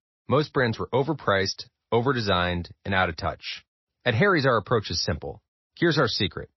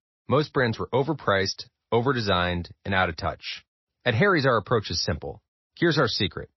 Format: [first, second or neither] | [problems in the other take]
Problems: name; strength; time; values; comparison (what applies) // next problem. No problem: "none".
neither | garbled, watery; slightly; nothing above 5.5 kHz; the same in both